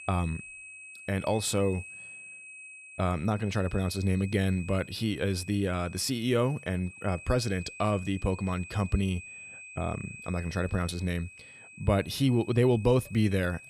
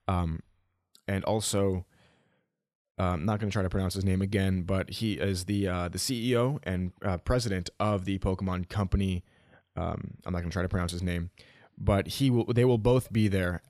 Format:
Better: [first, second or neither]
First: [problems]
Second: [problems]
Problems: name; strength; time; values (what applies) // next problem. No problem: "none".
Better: second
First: high-pitched whine; noticeable; throughout; 2.5 kHz, 15 dB below the speech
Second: none